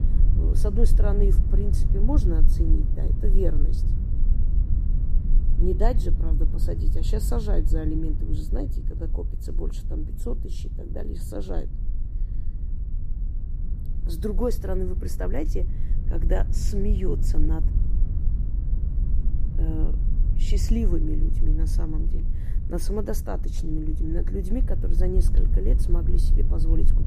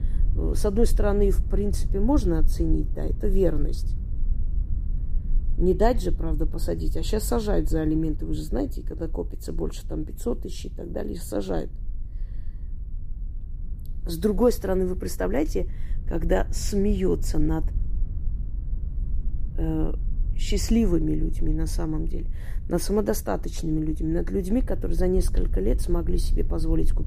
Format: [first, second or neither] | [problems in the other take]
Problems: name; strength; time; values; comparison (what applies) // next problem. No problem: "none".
second | low rumble; loud; throughout; 9 dB below the speech; faint in the second